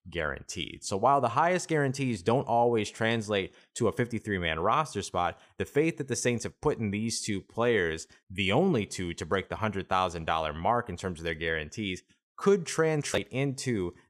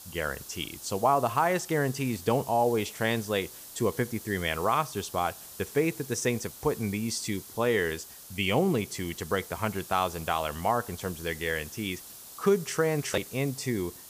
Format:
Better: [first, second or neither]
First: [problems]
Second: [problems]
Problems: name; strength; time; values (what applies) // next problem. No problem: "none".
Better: first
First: none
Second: hiss; noticeable; throughout; 15 dB below the speech